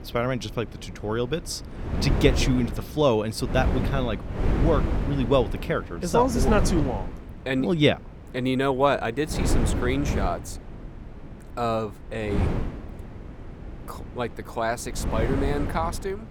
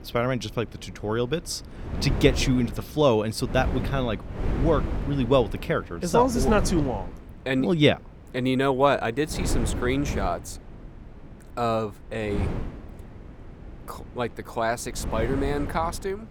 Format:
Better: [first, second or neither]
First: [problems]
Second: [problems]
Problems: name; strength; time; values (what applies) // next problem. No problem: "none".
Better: second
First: wind noise on the microphone; heavy; 9 dB below the speech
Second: wind noise on the microphone; occasional gusts; 15 dB below the speech